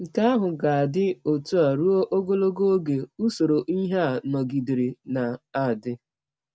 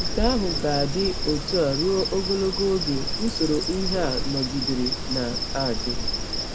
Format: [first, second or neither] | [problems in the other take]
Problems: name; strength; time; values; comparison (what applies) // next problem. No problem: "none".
first | background sound (Insect); 1 dB below the speech